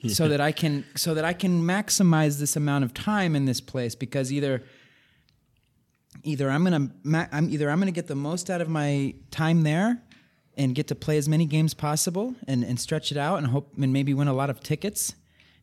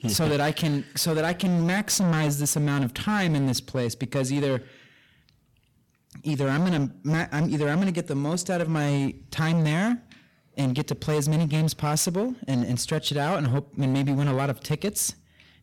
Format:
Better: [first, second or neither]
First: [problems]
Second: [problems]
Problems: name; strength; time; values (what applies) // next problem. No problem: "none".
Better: first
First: none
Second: distortion; slight; 16% of the sound clipped